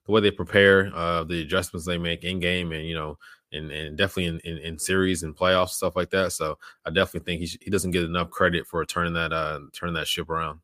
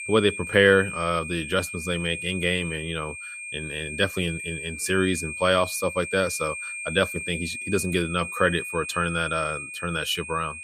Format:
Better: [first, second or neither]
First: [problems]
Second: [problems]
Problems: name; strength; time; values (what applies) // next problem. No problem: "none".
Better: first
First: none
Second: high-pitched whine; loud; throughout; 2.5 kHz, 8 dB below the speech